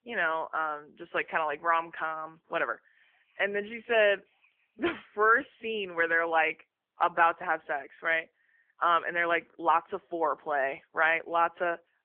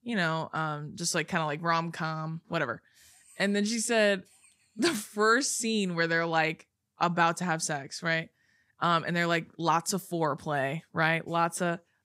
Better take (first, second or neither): second